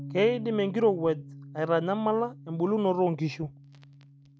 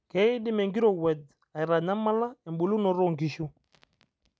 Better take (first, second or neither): second